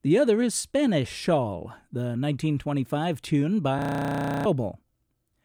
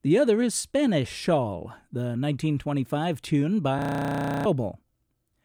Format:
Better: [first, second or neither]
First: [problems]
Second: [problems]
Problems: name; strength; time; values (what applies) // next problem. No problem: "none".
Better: neither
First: audio freezing; at 4 s for 0.5 s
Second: audio freezing; at 4 s for 0.5 s